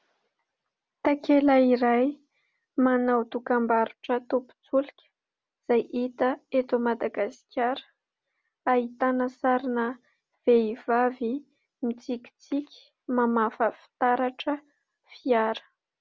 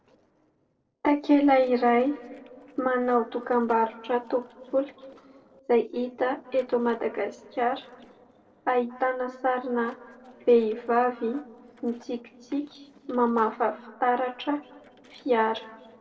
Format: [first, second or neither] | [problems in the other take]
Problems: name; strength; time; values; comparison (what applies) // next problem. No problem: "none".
first | noise reduction (neural separator model SepFormer DNS4)